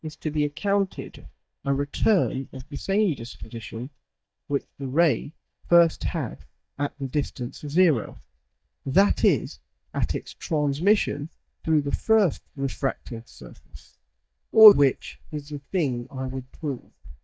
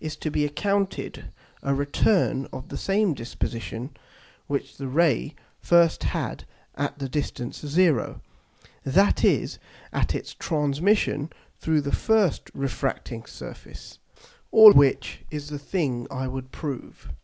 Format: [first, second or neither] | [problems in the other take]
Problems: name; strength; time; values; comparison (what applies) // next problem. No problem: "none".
second | noise reduction (neural mask model DeepFilterNet 3)